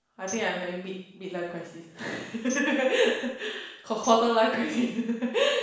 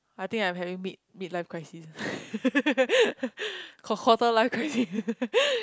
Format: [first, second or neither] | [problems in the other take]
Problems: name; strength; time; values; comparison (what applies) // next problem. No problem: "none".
second | background sound (Tambourine); 19 dB below the speech // room echo; dies away in 0.7 s